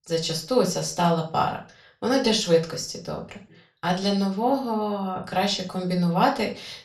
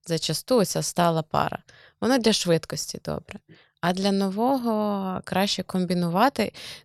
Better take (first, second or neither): second